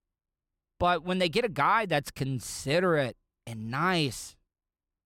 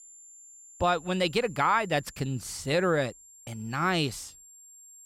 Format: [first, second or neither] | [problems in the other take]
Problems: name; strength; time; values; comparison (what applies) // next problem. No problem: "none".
first | high-pitched whine; faint; throughout; 7.5 kHz, 20 dB below the speech